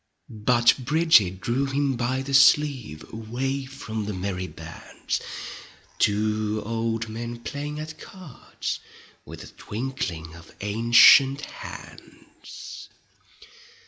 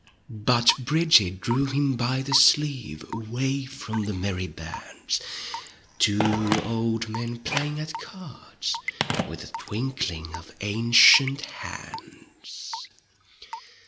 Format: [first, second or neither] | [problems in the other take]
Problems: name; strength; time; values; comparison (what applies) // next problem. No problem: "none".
first | background sound (Telephone + Raindrop / Drip / Water tap, faucet); 10 dB below the speech